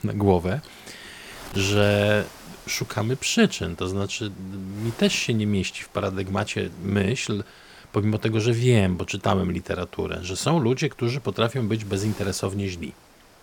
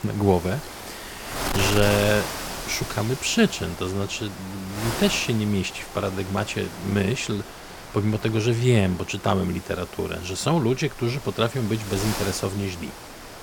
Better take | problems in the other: first | wind noise on the microphone; heavy; 7 dB below the speech; occasional gusts in the first

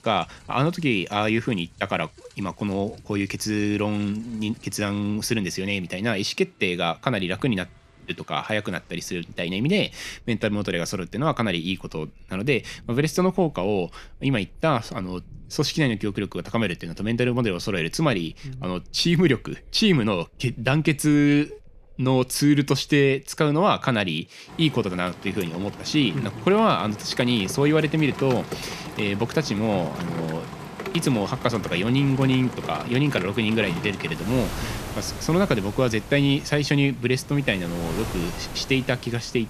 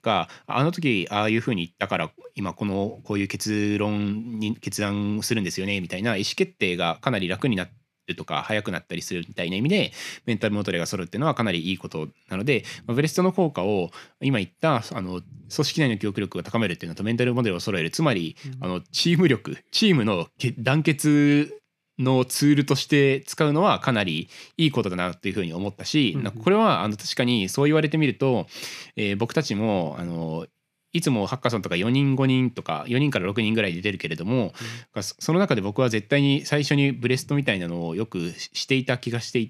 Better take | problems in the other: second | rain or running water; noticeable; throughout; 10 dB below the speech

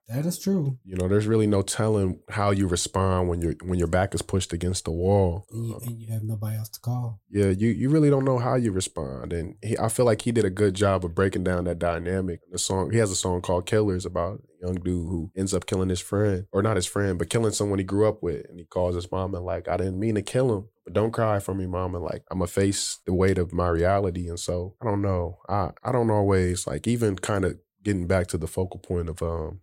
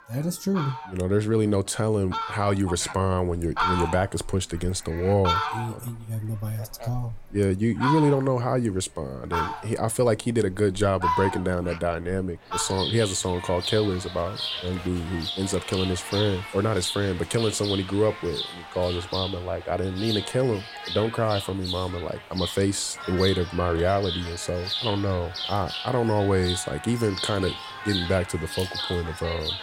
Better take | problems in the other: first | animal sounds; loud; throughout; 5 dB below the speech

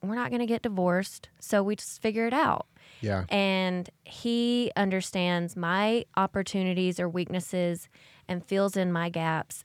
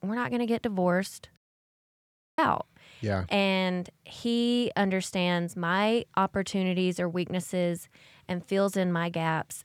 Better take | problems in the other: first | audio cutting out; at 1.5 s for 1 s

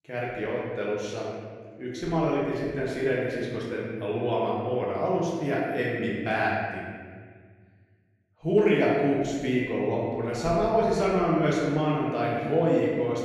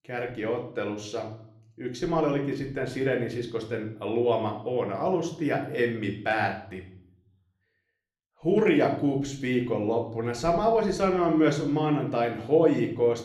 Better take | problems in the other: second | room echo; strong; dies away in 1.7 s; slight in the second // off-mic speech; far; somewhat distant in the second

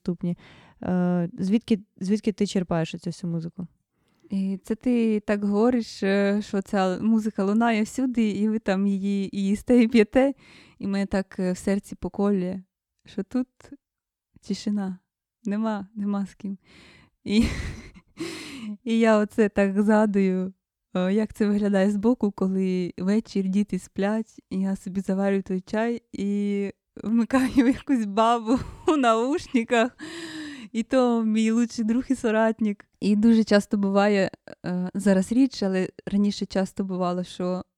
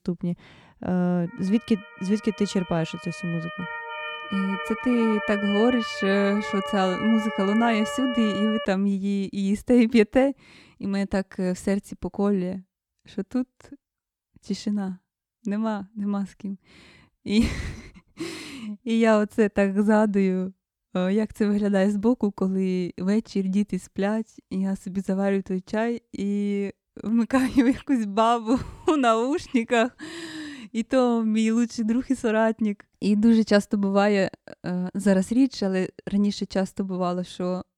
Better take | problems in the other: first | siren; noticeable; from 1.5 to 8.5 s; peak 5 dB below the speech

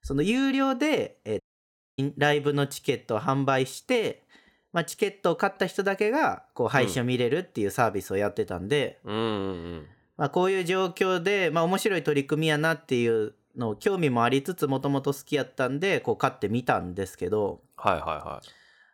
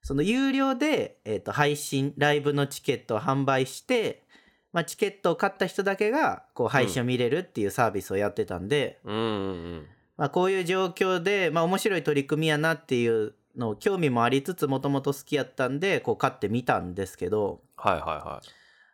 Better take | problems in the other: second | audio cutting out; at 1.5 s for 0.5 s

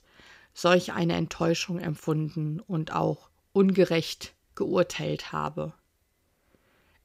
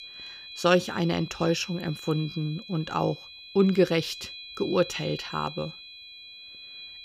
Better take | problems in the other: first | high-pitched whine; noticeable; throughout; 4 kHz, 15 dB below the speech

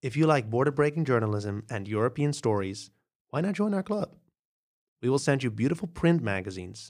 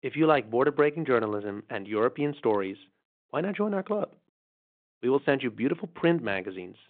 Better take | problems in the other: first | phone-call audio; nothing above 3.5 kHz

